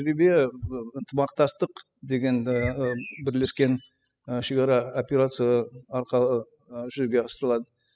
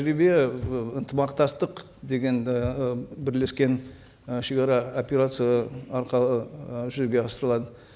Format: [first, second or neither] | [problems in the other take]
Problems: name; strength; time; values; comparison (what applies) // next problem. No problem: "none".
second | noise reduction (classical method spectral subtraction)